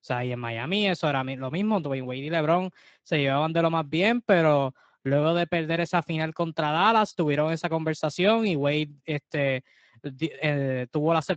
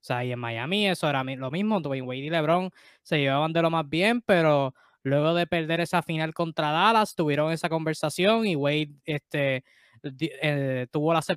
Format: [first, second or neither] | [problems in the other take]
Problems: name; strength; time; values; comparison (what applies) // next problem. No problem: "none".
second | garbled, watery; slightly; nothing above 7.5 kHz